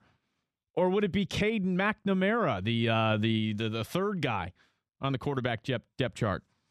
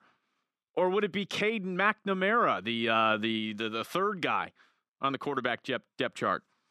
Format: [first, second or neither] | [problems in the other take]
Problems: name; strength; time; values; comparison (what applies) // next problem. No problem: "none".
first | thin; somewhat; fading below 300 Hz